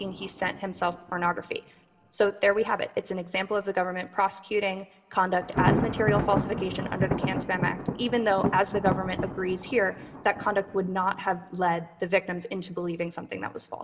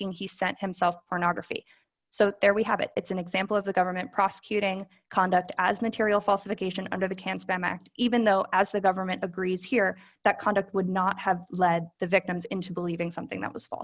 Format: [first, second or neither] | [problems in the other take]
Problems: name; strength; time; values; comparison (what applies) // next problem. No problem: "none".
second | background sound (Thunder); 6 dB below the speech // room echo; dies away in 1 s